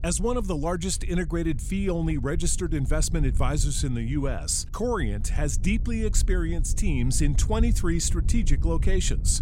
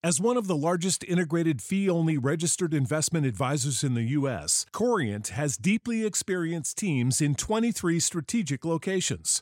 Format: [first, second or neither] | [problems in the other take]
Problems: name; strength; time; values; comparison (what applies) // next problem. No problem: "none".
second | wind noise on the microphone; occasional gusts; 15 dB below the speech